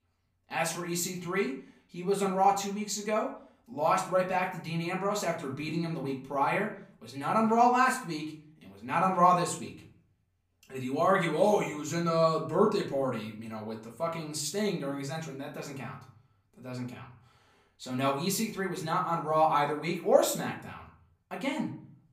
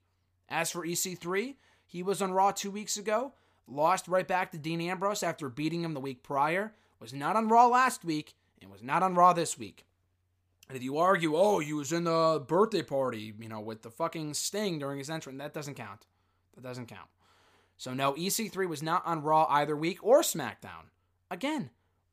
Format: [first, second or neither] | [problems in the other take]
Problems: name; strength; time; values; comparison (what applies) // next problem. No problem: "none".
second | room echo; slight; dies away in 0.5 s // off-mic speech; far